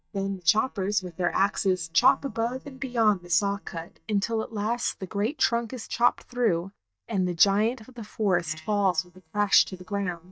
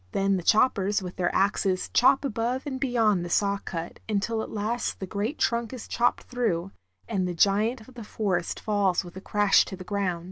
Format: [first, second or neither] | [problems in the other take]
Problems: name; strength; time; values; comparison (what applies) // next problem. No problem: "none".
second | noise reduction (neural mask model DeepFilterNet 3)